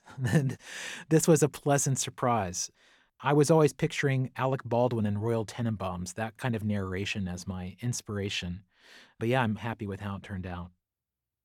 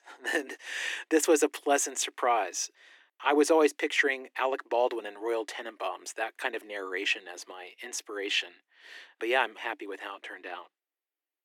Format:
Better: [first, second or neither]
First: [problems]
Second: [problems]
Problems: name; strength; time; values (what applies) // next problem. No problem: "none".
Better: first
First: none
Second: thin; very; fading below 300 Hz